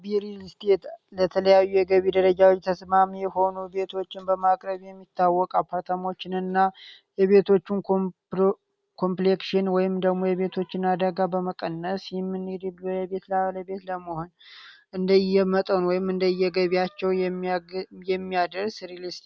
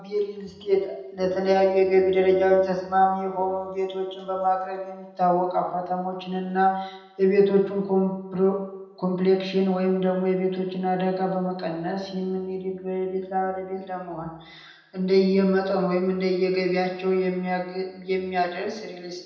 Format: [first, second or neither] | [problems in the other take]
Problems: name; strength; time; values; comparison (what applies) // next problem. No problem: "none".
first | room echo; dies away in 0.8 s